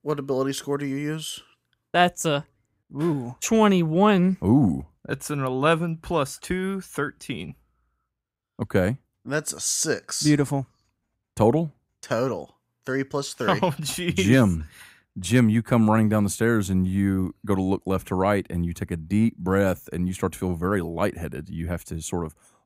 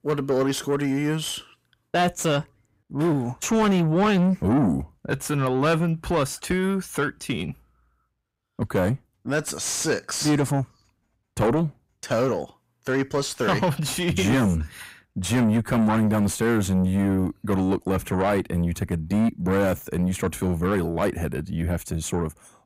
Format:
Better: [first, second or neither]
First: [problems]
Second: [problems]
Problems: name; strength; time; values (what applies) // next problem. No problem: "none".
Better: first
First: none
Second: distortion; heavy; 7 dB below the speech